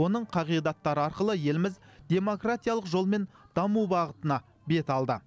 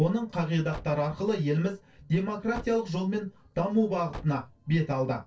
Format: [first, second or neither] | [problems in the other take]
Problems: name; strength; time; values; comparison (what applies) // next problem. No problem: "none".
first | noise reduction (neural separator model SepFormer DNS4)